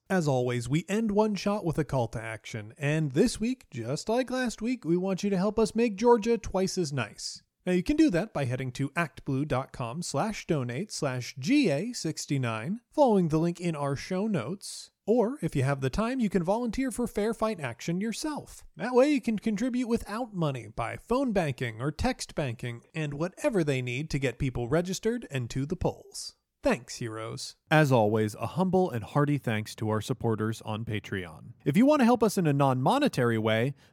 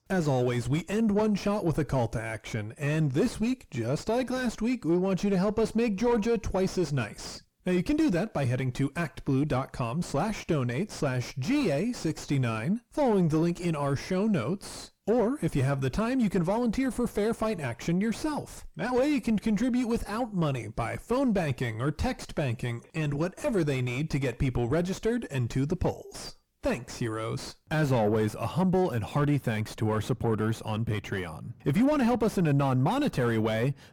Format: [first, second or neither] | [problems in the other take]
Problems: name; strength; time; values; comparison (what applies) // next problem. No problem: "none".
first | distortion; heavy; 6 dB below the speech